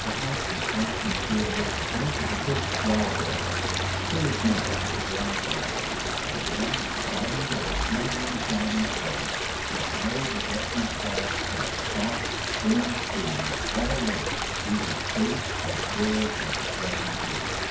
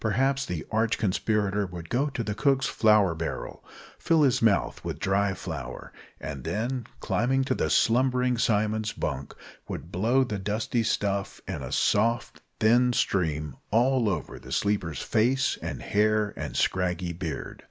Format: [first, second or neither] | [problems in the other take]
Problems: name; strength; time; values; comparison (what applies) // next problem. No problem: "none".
second | background sound (Stream); 3 dB above the speech // room echo; dies away in 0.6 s